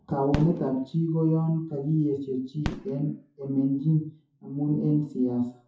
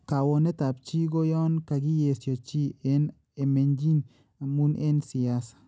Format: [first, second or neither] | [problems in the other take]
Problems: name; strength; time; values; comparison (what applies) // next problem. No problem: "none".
second | noise reduction (classical method WPE with log-MMSE)